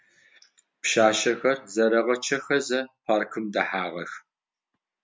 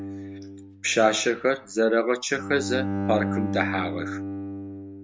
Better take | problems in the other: first | background sound (Bowed string instrument); 6 dB below the speech

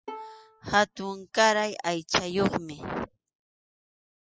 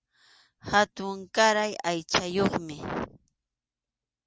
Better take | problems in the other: second | noise reduction (classical method spectral subtraction)

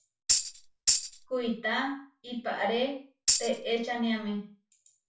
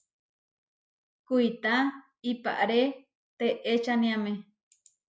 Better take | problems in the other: second | background sound (Tambourine); 4 dB above the speech // room echo; dies away in 0.3 s

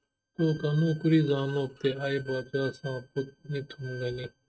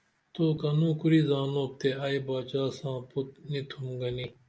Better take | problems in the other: second | noise reduction (neural mask model RNNoise)

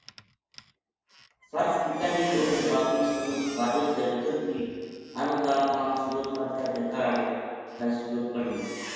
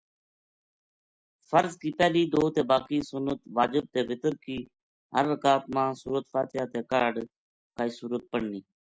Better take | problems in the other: second | background sound (Squeak); 16 dB below the speech // room echo; dies away in 1.9 s

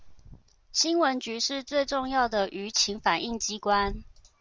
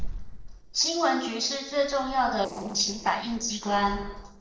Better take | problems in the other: first | noise reduction (neural separator model SepFormer DNS4)

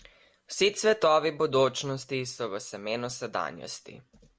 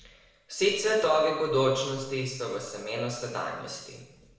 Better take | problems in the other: first | room echo; dies away in 0.9 s

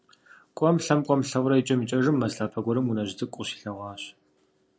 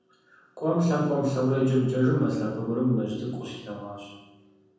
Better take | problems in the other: first | room echo; dies away in 1.1 s

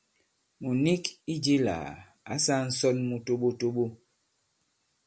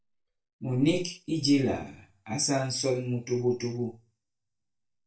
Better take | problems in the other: first | noise reduction (neural mask model DeepFilterNet 3)

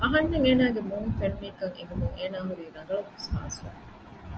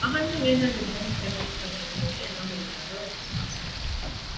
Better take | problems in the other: first | background sound (Rain); 4 dB below the speech // room echo; dies away in 0.8 s

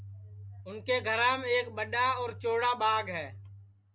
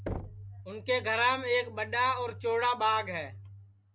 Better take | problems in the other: first | background sound (Knock); 14 dB below the speech

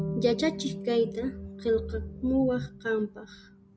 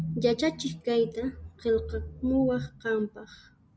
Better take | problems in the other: second | background sound (Bass guitar); 12 dB below the speech

